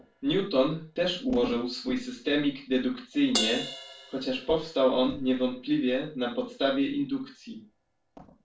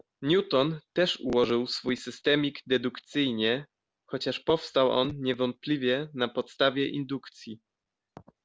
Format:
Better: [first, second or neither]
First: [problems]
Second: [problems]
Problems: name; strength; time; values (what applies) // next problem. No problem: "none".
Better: second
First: background sound (Crash cymbal); 14 dB below the speech // room echo; dies away in 0.3 s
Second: none